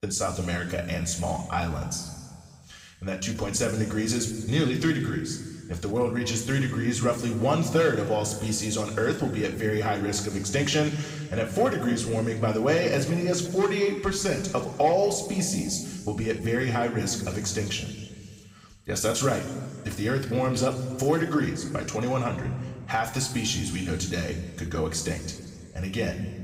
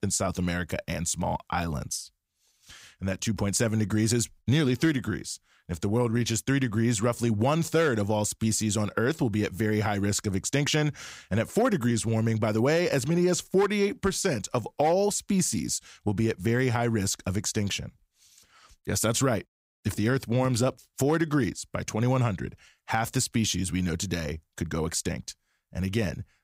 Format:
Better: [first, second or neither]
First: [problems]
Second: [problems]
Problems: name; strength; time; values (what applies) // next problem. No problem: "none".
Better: second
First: room echo; noticeable; dies away in 1.7 s // off-mic speech; somewhat distant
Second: none